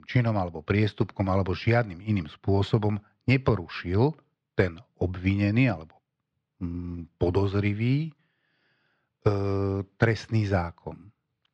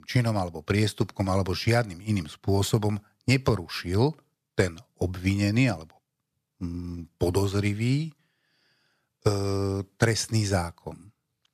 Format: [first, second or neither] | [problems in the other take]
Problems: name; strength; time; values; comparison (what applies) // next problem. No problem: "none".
second | muffled; slightly; fading above 3.5 kHz